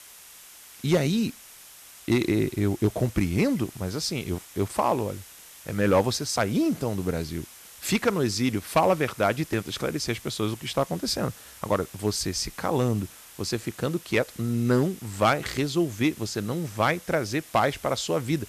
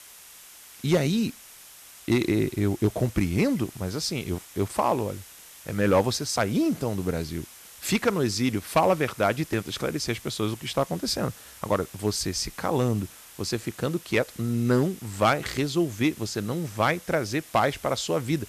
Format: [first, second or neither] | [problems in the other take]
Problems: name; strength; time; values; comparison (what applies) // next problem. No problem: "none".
neither | hiss; noticeable; throughout; 20 dB below the speech; the same in both